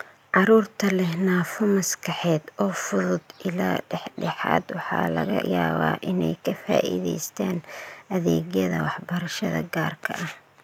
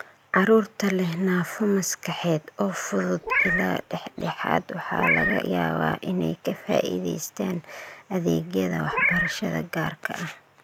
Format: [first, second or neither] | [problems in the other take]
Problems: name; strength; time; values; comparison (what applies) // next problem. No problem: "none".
first | background sound (Meow); 2 dB below the speech